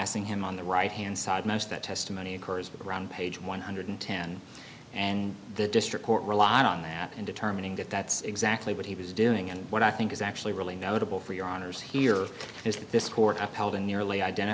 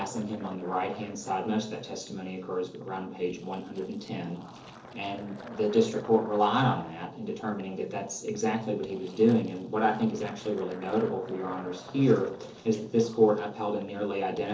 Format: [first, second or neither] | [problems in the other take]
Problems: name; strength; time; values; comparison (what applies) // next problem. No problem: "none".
first | noise reduction (neural separator model SepFormer DNS4)